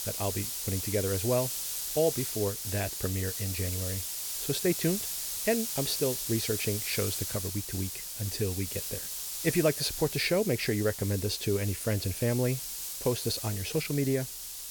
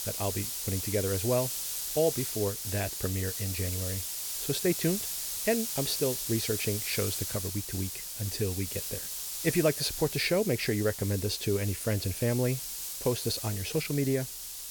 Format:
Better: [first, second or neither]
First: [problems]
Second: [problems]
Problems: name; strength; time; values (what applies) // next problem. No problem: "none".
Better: neither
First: hiss; loud; throughout; 2 dB below the speech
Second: hiss; loud; throughout; 2 dB below the speech